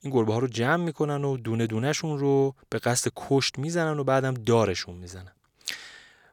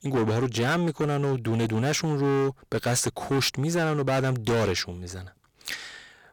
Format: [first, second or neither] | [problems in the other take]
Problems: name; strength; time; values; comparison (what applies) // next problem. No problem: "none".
first | distortion; heavy; 18% of the sound clipped